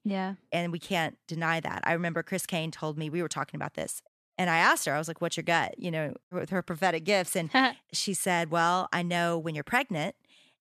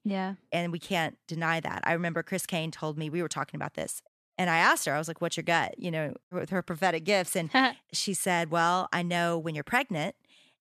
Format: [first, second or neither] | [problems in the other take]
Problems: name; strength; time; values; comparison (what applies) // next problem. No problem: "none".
neither | none